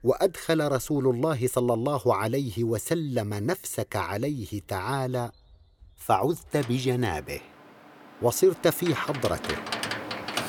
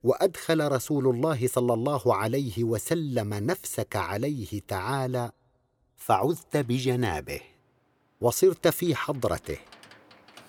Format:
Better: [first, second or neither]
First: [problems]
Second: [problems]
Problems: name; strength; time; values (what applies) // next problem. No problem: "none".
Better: second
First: animal sounds; loud; throughout; 9 dB below the speech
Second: animal sounds; faint; throughout; 30 dB below the speech